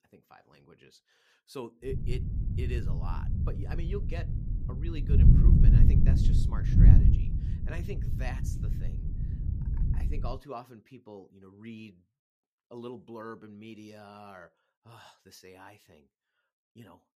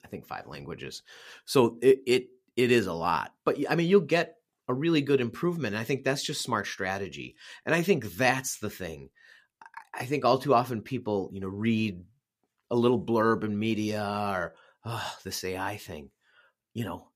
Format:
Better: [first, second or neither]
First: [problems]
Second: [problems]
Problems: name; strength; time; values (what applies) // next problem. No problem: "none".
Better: second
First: wind noise on the microphone; heavy; from 2 to 10 s; 3 dB above the speech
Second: none